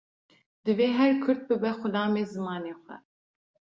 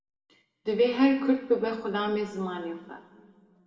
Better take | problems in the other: first | room echo; dies away in 1.5 s

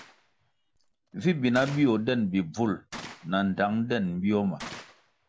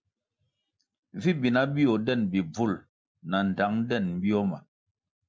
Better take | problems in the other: second | background sound (Gunshot, gunfire); 19 dB below the speech

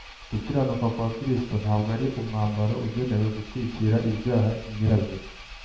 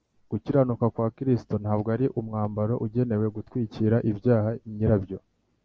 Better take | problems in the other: second | background sound (Engine); 16 dB below the speech // room echo; dies away in 0.7 s

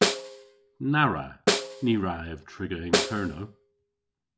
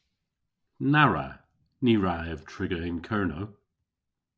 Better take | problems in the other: second | background sound (Snare drum); as loud as the speech

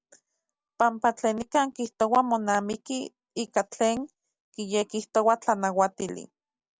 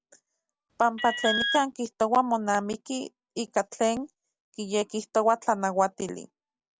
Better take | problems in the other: first | background sound (Alarm); 3 dB below the speech

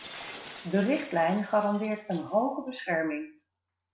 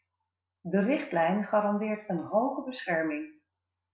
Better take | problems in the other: second | background sound (Shatter); 19 dB below the speech

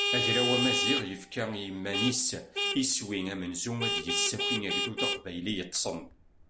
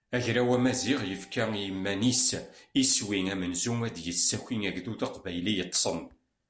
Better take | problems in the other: second | background sound (Vehicle horn, car horn, honking); as loud as the speech

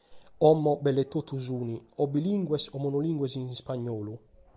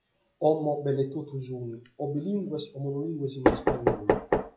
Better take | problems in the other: first | noise reduction (classical method WPE with log-MMSE)

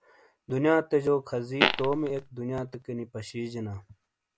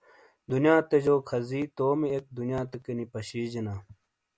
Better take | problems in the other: second | background sound (Fart); 2 dB above the speech

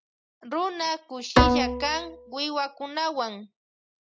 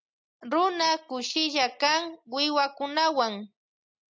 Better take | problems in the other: second | background sound (Bowed string instrument); 5 dB above the speech

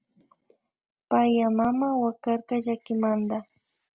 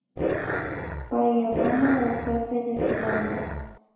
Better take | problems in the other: first | background sound (Growling); 2 dB below the speech // room echo; dies away in 1 s

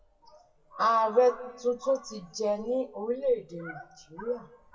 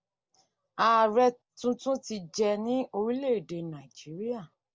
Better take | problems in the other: second | noise reduction (classical method WPE with log-MMSE)

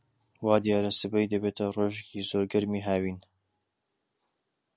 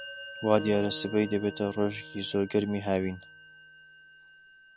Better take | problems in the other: first | background sound (Acoustic guitar + Musical instrument); 14 dB below the speech

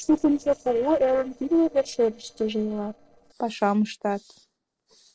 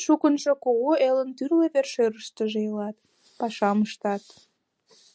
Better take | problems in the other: second | noise reduction (neural separator model SepFormer DNS4)

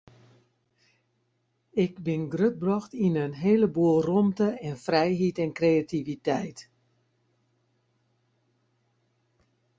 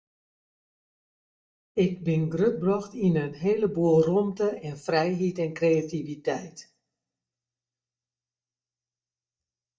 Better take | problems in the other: first | noise reduction (neural mask model DeepFilterNet 3)

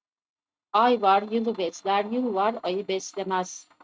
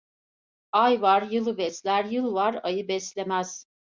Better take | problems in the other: second | noise reduction (neural mask model RNNoise)

